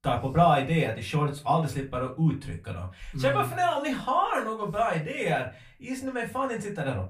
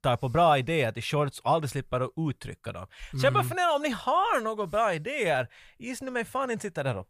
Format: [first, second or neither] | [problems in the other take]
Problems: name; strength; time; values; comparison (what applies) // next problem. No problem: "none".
second | off-mic speech; far // room echo; very slight; dies away in 0.3 s